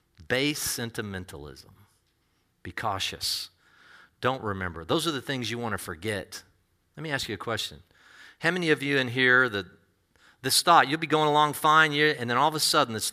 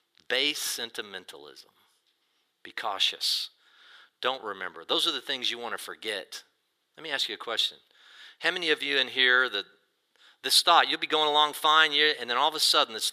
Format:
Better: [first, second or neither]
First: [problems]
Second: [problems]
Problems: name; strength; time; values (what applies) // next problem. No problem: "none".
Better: first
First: none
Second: thin; somewhat; fading below 450 Hz